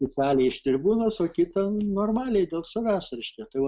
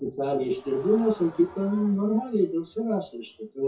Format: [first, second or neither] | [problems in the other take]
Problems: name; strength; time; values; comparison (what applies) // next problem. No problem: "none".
first | noise reduction (classical method WPE with log-MMSE)